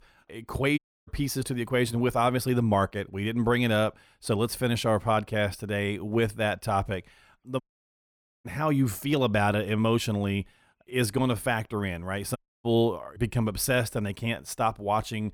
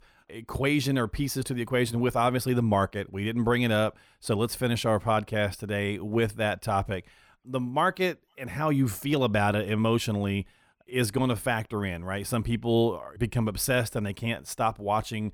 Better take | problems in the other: second | audio cutting out; at 1 s, at 7.5 s for 1 s and at 12 s

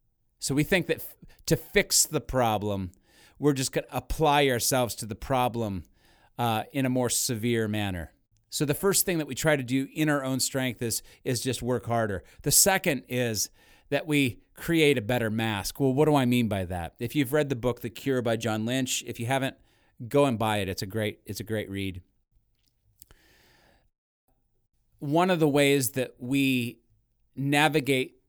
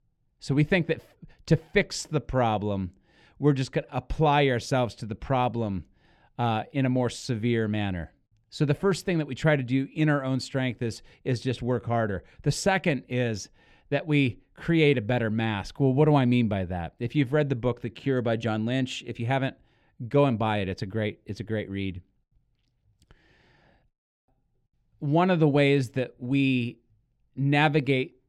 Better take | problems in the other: first | muffled; slightly; fading above 3.5 kHz

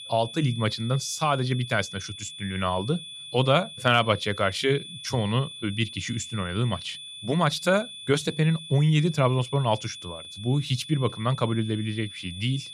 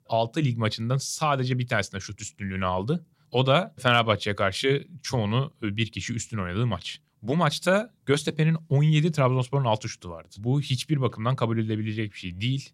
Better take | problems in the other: second | high-pitched whine; noticeable; throughout; 3.5 kHz, 10 dB below the speech

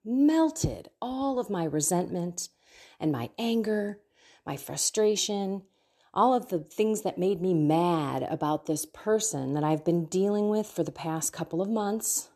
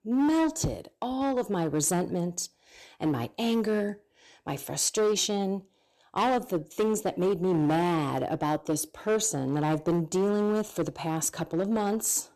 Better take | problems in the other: first | distortion; slight; 10% of the sound clipped

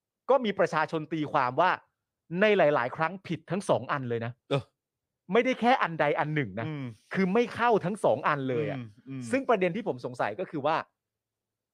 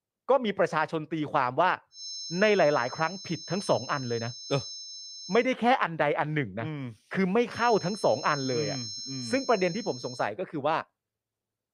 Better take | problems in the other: first | high-pitched whine; noticeable; from 2 to 5.5 s and from 7.5 to 10 s; 5.5 kHz, 10 dB below the speech

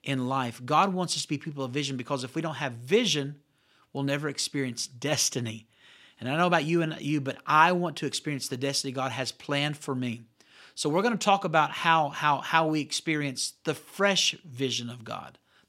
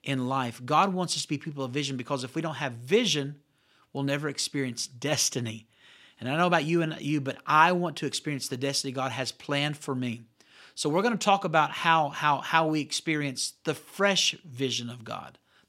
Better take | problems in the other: neither | none

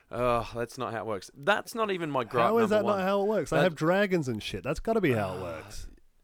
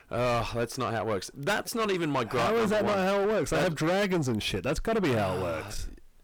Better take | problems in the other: first | distortion; heavy; 6 dB below the speech

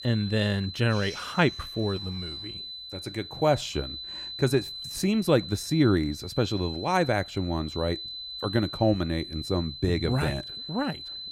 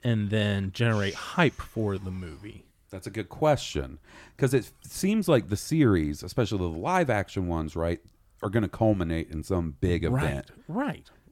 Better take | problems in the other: second | high-pitched whine; loud; throughout; 4 kHz, 10 dB below the speech

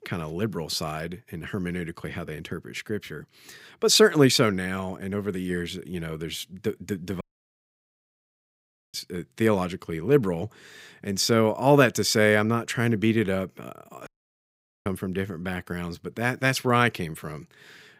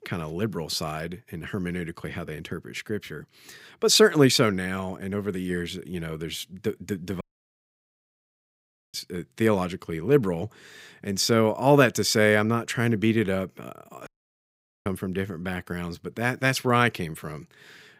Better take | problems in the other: neither | audio cutting out; at 7 s for 1.5 s and at 14 s for 1 s; the same in both

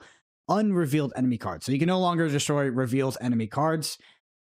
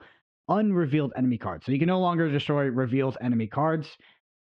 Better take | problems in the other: first | muffled; very; fading above 3 kHz

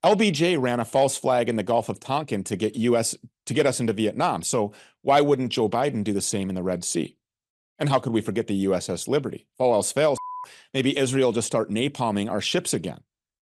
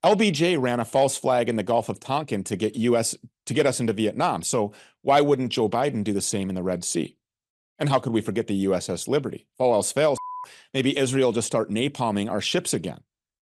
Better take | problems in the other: neither | none

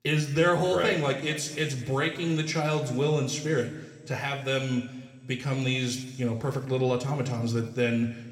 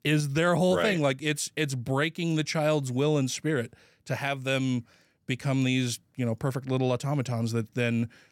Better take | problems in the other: second | room echo; slight; dies away in 1.7 s

